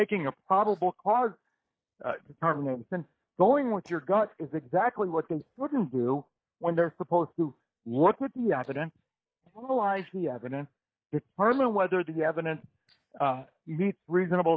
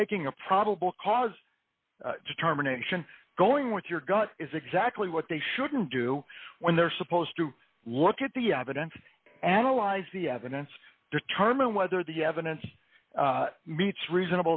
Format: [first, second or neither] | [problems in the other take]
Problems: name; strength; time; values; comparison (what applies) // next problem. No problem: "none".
second | noise reduction (neural mask model DeepFilterNet 3)